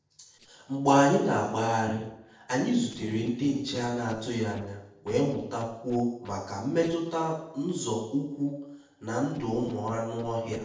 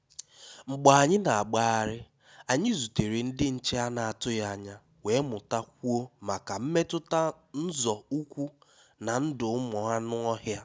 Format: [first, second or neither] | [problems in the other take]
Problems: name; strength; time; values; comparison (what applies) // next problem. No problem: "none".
second | noise reduction (neural separator model SepFormer DNS4)